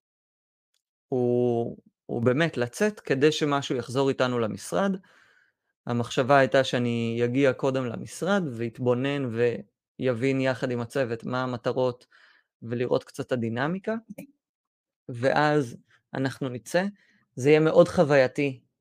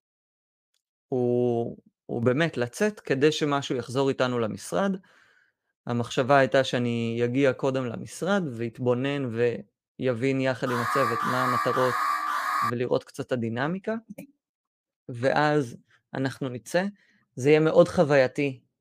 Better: first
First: none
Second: alarm; loud; from 11 to 13 s; peak level with the speech

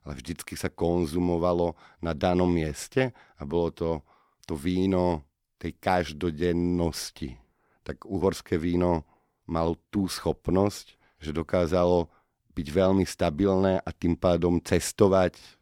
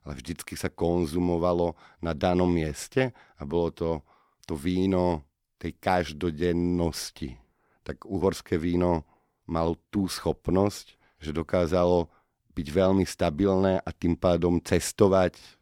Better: neither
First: none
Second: none

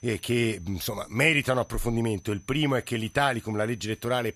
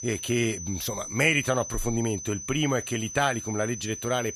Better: first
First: high-pitched whine; faint; throughout; 6 kHz, 30 dB below the speech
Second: high-pitched whine; loud; throughout; 6 kHz, 8 dB below the speech

